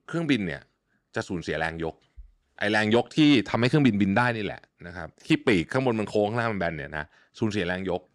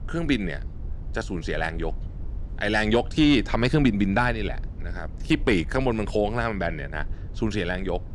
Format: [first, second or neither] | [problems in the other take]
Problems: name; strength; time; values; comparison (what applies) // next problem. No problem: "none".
first | low rumble; faint; throughout; 25 dB below the speech